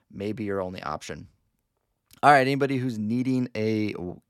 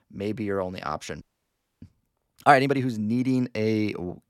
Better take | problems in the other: first | audio freezing; at 1 s for 0.5 s

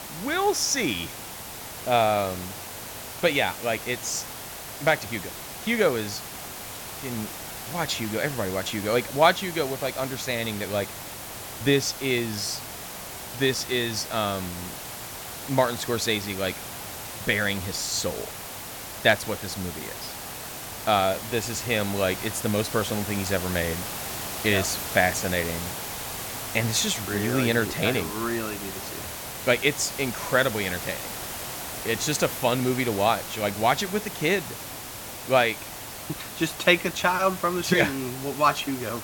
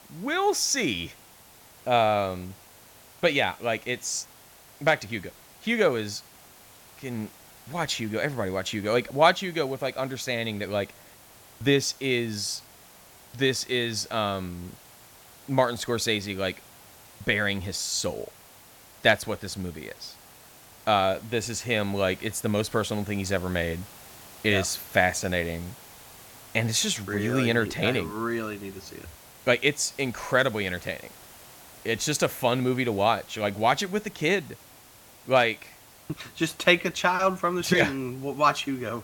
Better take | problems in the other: second | hiss; loud; throughout; 9 dB below the speech; faint in the second

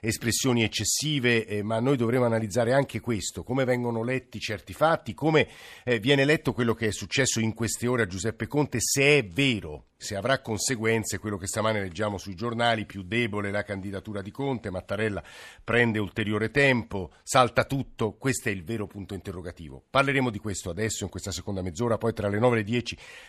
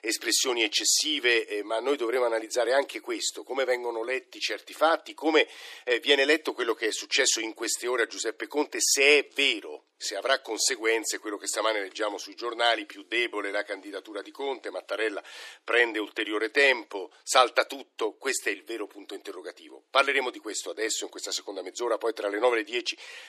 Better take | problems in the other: first | thin; very; fading below 300 Hz

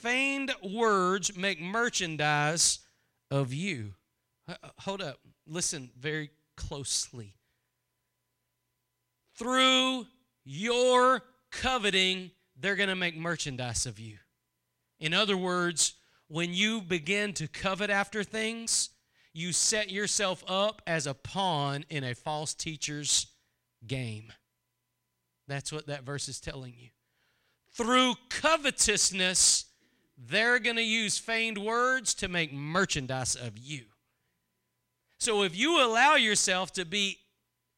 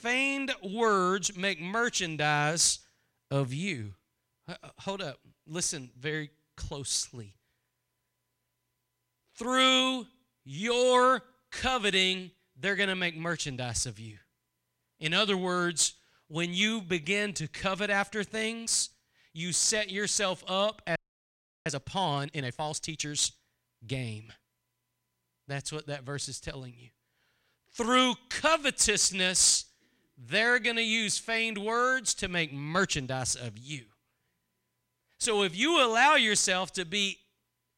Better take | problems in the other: first | audio freezing; at 21 s for 0.5 s

